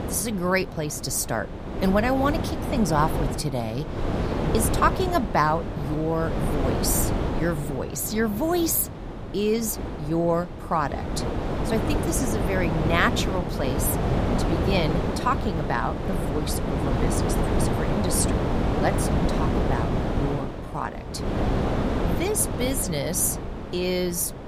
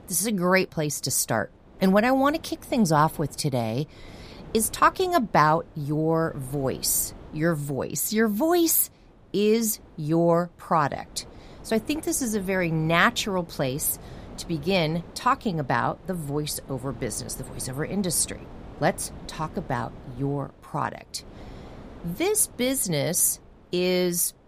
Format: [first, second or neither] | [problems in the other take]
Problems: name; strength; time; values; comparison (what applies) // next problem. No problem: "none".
second | wind noise on the microphone; heavy; 4 dB below the speech; occasional gusts in the second